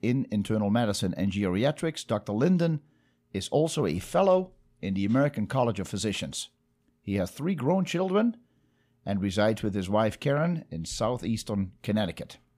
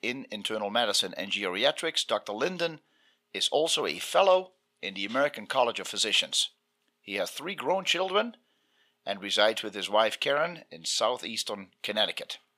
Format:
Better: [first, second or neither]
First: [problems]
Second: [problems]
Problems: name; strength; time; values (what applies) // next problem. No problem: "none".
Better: first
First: none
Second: thin; very; fading below 600 Hz